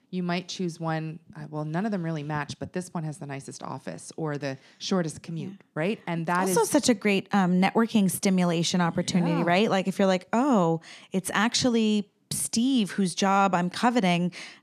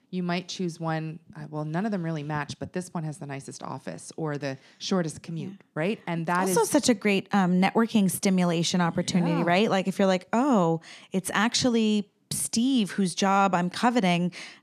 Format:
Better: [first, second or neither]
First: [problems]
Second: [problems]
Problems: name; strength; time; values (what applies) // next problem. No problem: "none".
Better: neither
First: none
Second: none